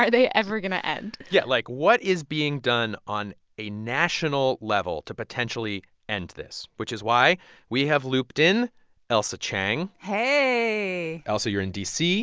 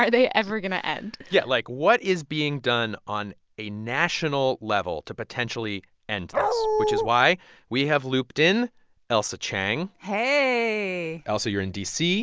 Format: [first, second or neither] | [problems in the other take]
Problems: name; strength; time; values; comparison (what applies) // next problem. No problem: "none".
first | background sound (Dog); 2 dB above the speech